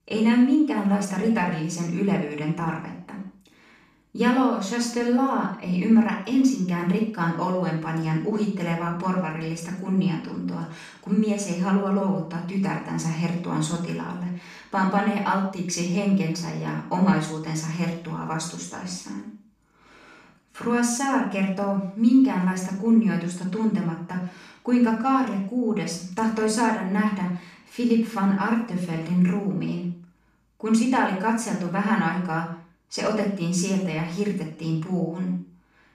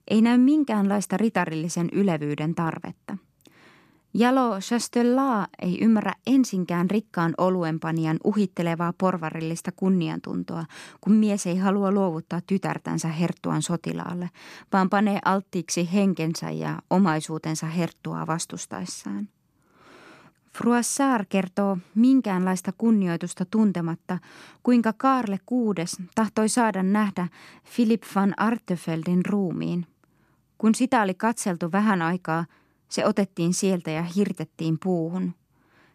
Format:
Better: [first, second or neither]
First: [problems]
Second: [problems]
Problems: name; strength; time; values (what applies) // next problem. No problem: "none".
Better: second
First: room echo; noticeable; dies away in 0.5 s // off-mic speech; far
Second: none